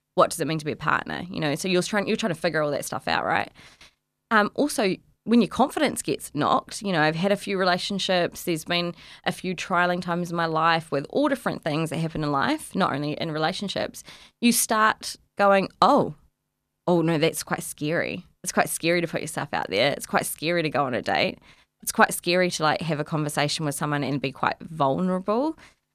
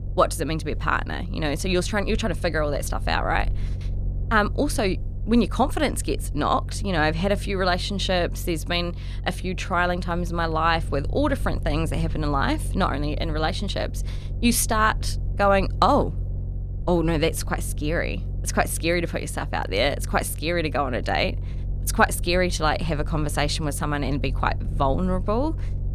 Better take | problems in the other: first | low rumble; faint; throughout; 20 dB below the speech

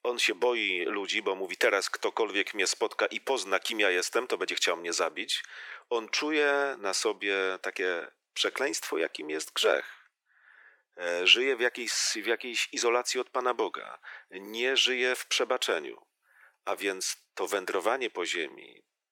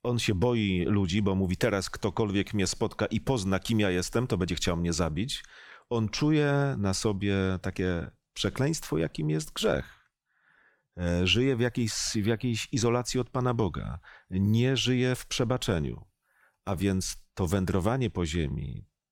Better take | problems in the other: second | thin; very; fading below 350 Hz

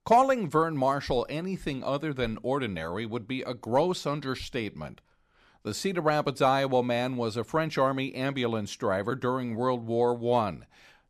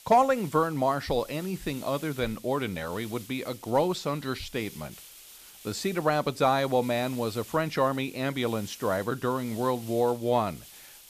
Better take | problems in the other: first | hiss; noticeable; throughout; 20 dB below the speech

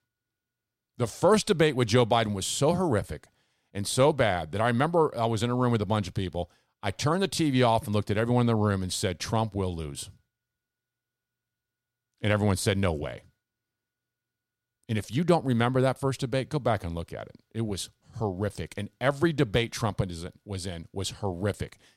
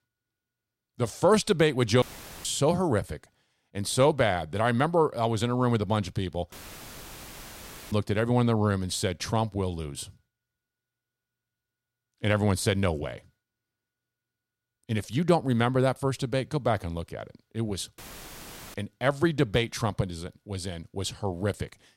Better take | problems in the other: first | audio cutting out; filled with static; at 2 s, at 6.5 s for 1.5 s and at 18 s for 1 s

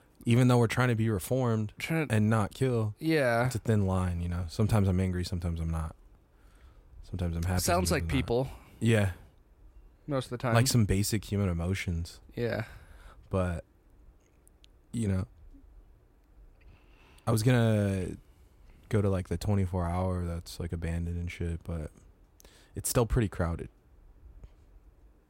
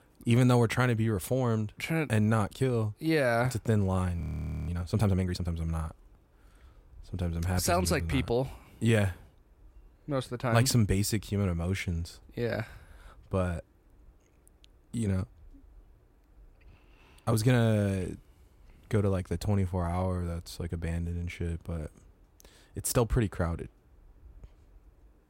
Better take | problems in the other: first | audio freezing; at 4 s

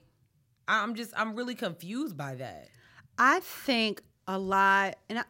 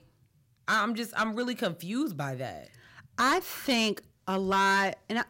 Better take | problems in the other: first | distortion; heavy; 6% of the sound clipped

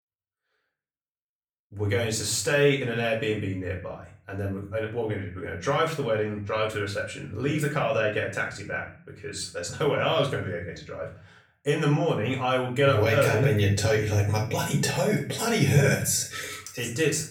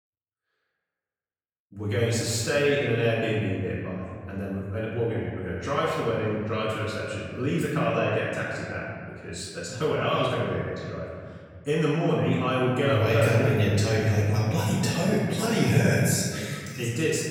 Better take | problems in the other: first | room echo; strong; dies away in 2 s; slight in the first // off-mic speech; far; far in the first

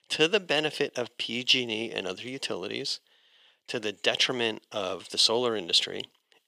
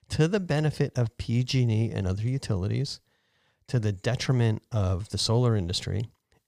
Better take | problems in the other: second | thin; very; fading below 300 Hz

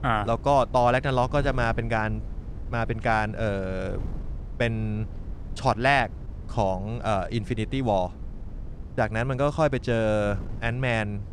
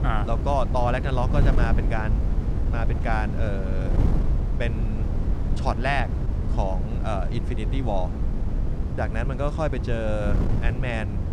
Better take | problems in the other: first | wind noise on the microphone; heavy; 8 dB below the speech; occasional gusts in the first

